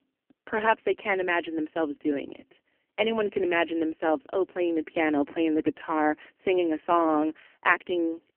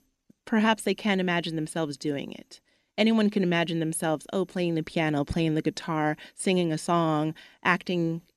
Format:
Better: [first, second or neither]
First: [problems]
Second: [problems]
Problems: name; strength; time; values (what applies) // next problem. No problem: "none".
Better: second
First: phone-call audio; poor line; nothing above 3 kHz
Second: none